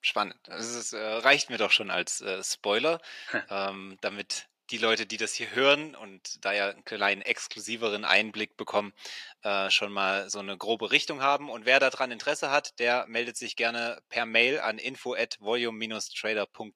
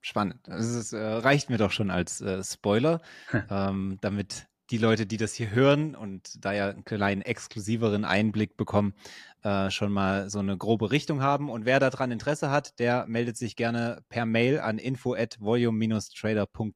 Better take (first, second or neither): second